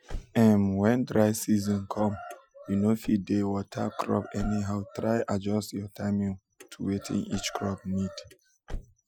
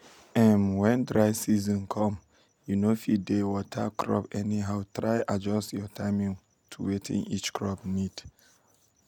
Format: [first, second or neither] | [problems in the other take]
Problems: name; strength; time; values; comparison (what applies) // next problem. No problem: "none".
second | noise reduction (classical method Wiener filter)